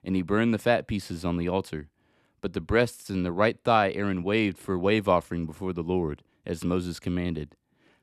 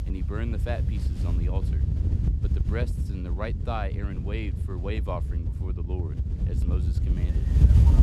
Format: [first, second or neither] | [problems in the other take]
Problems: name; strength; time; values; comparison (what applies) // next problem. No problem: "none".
first | wind noise on the microphone; heavy; 4 dB below the speech